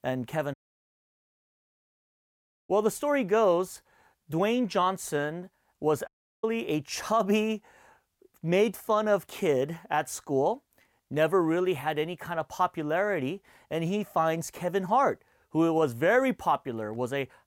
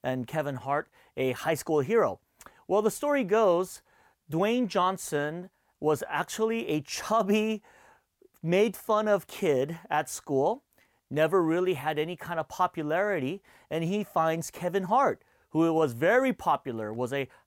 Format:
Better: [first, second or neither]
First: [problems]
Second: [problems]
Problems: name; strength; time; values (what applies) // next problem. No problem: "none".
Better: second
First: audio cutting out; at 0.5 s for 2 s and at 6 s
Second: none